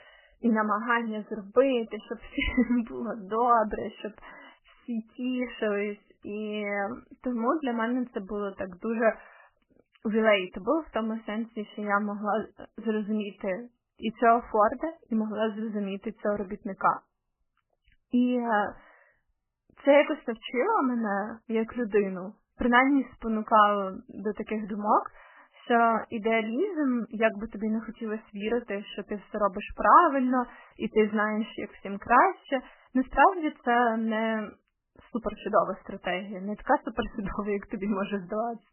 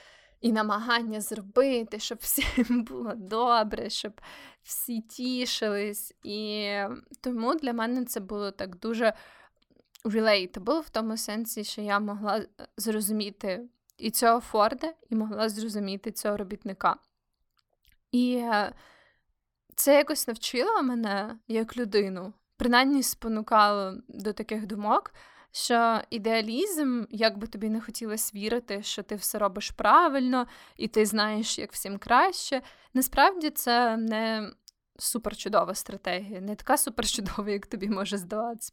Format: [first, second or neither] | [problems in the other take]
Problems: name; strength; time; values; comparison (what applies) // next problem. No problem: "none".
second | garbled, watery; badly; nothing above 3 kHz